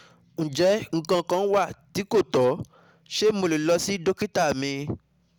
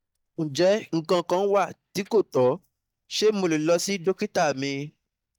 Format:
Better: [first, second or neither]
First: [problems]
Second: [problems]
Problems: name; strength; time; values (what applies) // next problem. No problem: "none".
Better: first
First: none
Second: noise reduction (neural mask model DeepFilterNet 3)